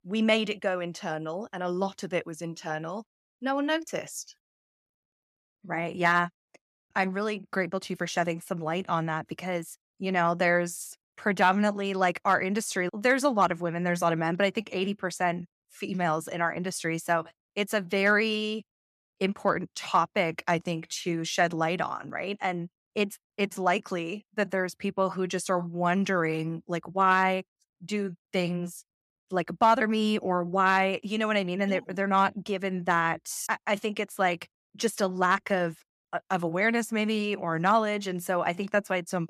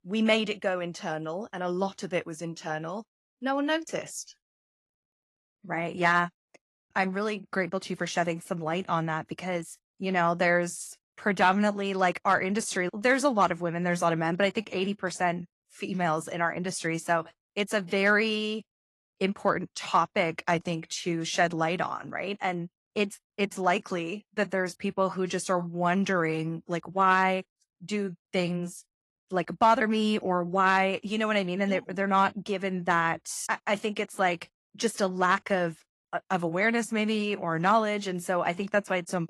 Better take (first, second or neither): first